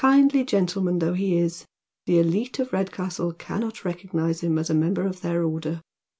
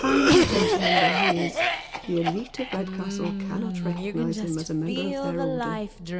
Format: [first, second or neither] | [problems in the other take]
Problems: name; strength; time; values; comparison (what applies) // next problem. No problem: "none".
first | background sound (Cough); 3 dB above the speech